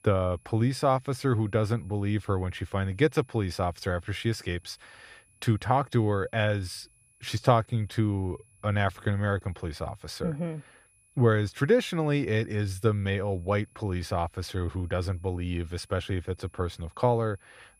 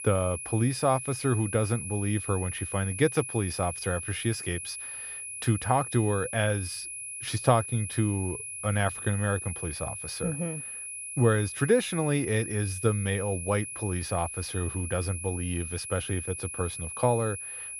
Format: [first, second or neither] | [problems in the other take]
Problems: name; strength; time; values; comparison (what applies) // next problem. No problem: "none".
first | high-pitched whine; loud; throughout; 10.5 kHz, 6 dB below the speech; faint in the first